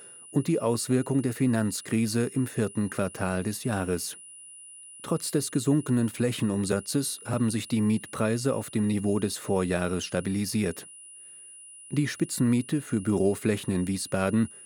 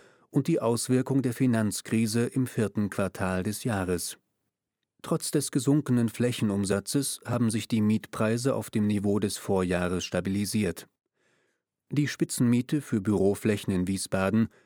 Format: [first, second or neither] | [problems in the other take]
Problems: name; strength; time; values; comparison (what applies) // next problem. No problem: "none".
second | high-pitched whine; noticeable; throughout; 10 kHz, 15 dB below the speech